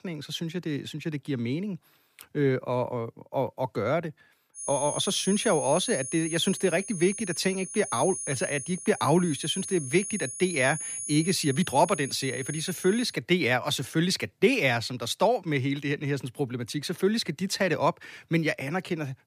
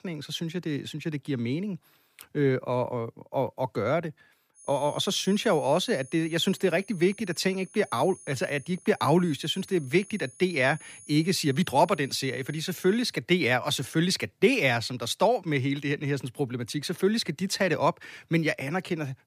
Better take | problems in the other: second | high-pitched whine; loud; from 4.5 to 13 s; 9.5 kHz, 7 dB below the speech; faint in the second

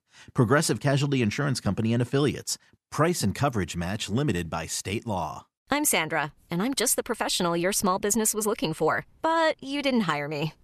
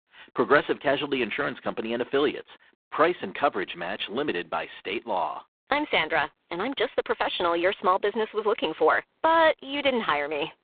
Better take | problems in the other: first | phone-call audio; poor line; nothing above 3.5 kHz

